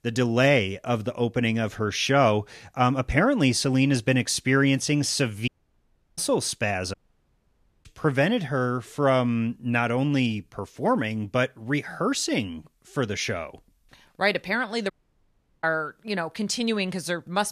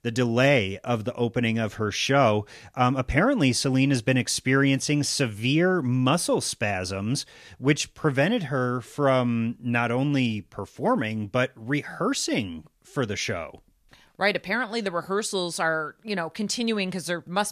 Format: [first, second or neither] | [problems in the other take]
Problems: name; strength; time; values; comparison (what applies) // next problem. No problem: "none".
second | audio cutting out; at 5.5 s for 0.5 s, at 7 s for 1 s and at 15 s for 0.5 s